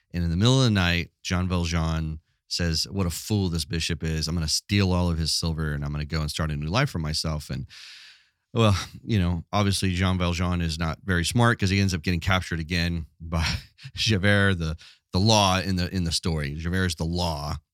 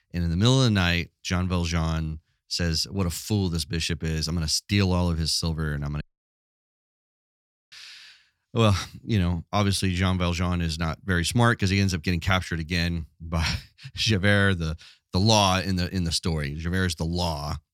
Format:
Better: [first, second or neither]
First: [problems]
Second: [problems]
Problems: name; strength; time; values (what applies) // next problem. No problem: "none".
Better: first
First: none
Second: audio cutting out; at 6 s for 1.5 s